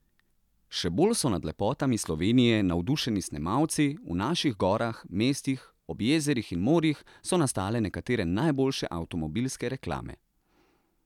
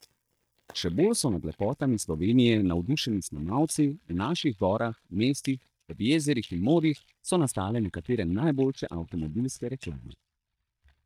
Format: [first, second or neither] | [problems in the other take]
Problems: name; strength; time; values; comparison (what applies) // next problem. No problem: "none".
first | noise reduction (neural mask model DeepFilterNet 3)